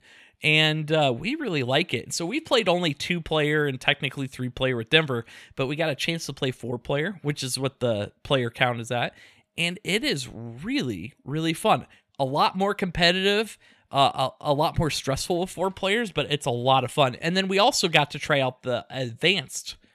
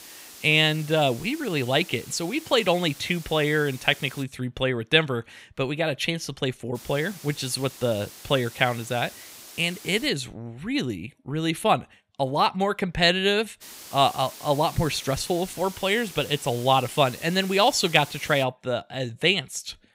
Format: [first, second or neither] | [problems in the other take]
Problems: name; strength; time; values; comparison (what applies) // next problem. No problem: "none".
first | hiss; noticeable; until 4 s, from 7 to 10 s and from 14 to 18 s; 15 dB below the speech